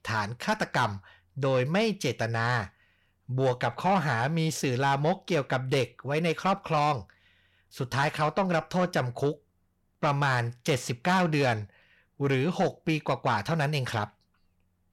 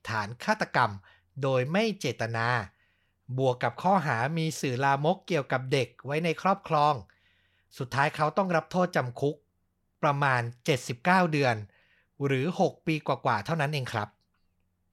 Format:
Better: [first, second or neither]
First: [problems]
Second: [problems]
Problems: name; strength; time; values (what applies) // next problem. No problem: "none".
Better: second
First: distortion; slight; 10 dB below the speech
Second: none